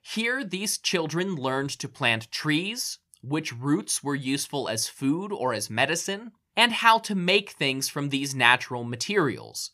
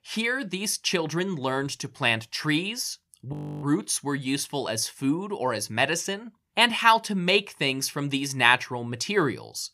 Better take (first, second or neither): first